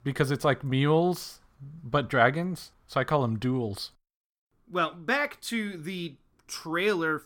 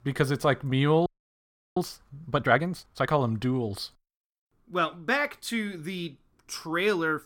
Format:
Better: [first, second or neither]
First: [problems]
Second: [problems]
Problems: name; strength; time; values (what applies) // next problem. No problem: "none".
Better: first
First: none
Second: audio freezing; at 1 s for 0.5 s